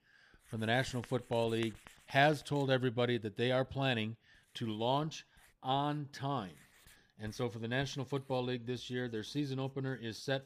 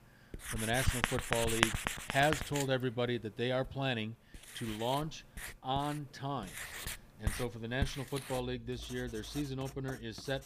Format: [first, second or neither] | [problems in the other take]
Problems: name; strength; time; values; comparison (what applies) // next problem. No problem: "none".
first | household noises; loud; throughout; 2 dB below the speech; faint in the first